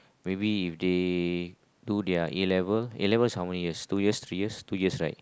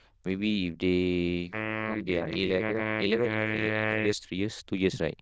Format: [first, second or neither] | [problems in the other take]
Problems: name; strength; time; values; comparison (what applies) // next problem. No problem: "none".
first | noise reduction (neural diffusion model UNIVERSE++)